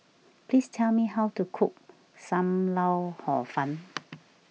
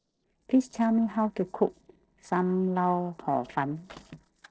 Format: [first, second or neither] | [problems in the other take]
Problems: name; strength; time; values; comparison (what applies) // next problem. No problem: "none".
first | noise reduction (neural separator model SepFormer DNS4)